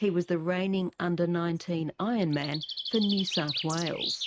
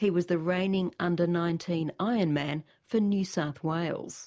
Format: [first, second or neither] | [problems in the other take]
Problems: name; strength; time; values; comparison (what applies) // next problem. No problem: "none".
second | noise reduction (neural mask model RNNoise)